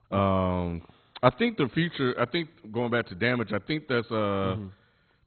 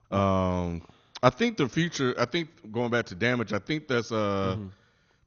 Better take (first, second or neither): second